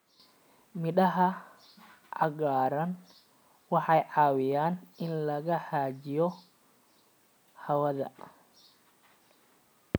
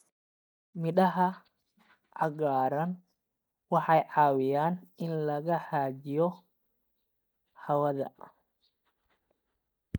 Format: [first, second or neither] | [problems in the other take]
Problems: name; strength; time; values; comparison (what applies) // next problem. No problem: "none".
first | noise reduction (neural mask model DeepFilterNet 3)